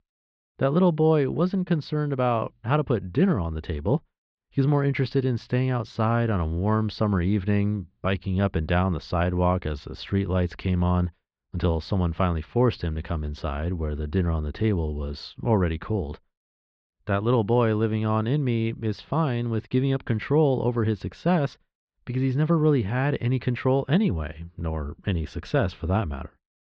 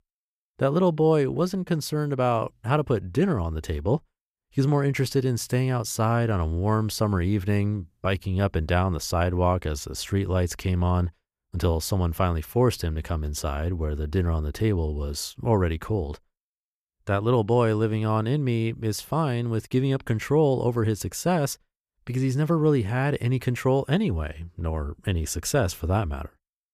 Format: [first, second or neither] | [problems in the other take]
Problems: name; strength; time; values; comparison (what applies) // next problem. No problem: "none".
second | muffled; slightly; fading above 4 kHz